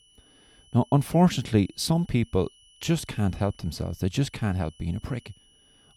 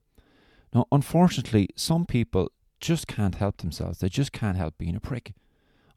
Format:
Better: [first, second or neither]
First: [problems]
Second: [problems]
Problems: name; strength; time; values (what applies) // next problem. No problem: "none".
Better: second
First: high-pitched whine; faint; throughout; 3 kHz, 30 dB below the speech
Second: none